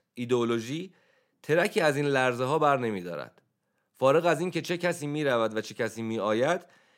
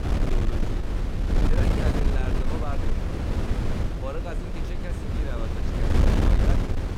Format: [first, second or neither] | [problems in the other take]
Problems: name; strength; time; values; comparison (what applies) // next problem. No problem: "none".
first | wind noise on the microphone; heavy; 5 dB above the speech